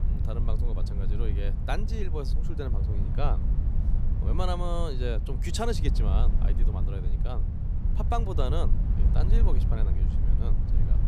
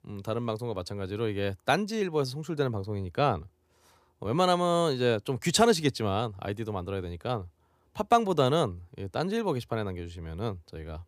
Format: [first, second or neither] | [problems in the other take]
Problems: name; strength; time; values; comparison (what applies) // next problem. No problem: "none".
second | low rumble; loud; throughout; 8 dB below the speech